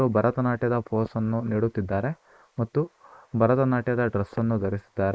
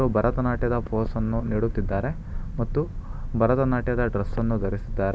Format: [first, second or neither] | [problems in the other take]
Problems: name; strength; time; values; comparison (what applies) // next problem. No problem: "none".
second | noise reduction (neural mask model Resemble Enhance denoiser)